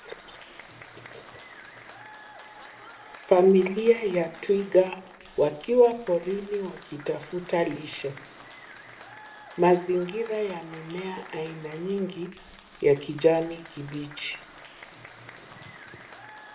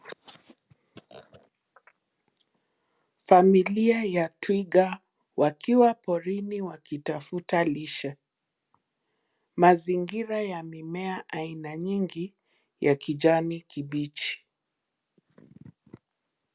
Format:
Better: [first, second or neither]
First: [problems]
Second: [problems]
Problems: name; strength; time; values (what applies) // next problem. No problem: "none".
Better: second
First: background sound (Applause / Crowd); 19 dB below the speech // room echo; dies away in 0.7 s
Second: none